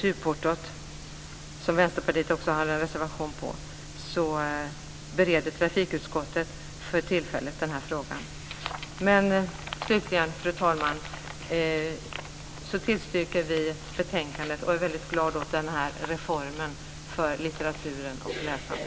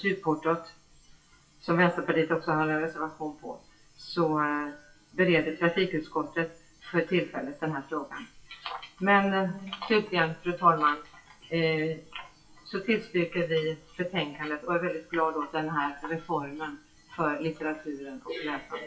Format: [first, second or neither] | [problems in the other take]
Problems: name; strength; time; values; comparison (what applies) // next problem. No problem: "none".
first | noise reduction (classical method WPE with log-MMSE)